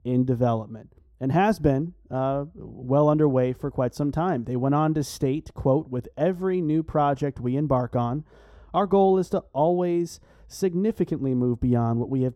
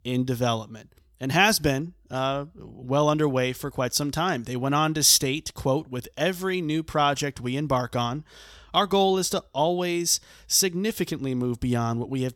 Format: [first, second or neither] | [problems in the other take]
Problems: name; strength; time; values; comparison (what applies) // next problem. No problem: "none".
second | muffled; very; fading above 1.5 kHz